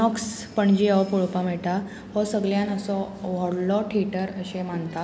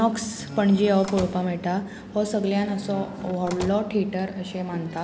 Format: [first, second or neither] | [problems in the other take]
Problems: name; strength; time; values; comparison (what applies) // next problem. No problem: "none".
first | background sound (Squeak / Slam / Wood); 15 dB below the speech